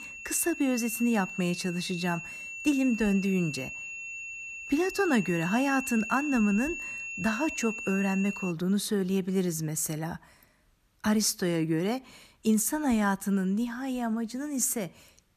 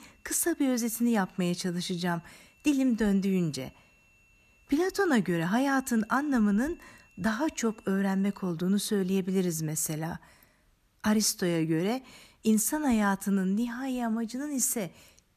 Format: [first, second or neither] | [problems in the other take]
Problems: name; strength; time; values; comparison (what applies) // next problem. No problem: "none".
second | high-pitched whine; loud; until 8.5 s; 2.5 kHz, 8 dB below the speech; faint in the second